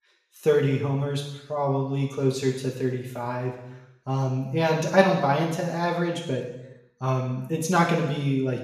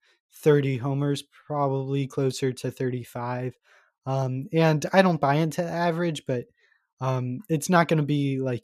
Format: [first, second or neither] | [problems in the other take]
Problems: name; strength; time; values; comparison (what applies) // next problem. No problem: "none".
second | room echo; noticeable; dies away in 0.9 s // off-mic speech; somewhat distant